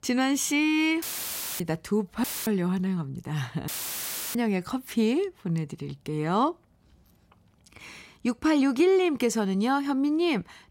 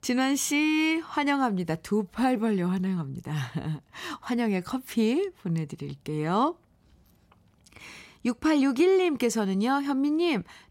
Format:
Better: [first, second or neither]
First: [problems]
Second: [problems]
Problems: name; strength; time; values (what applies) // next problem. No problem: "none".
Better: second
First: audio cutting out; filled with static; at 1 s for 0.5 s, at 2 s and at 3.5 s for 0.5 s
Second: none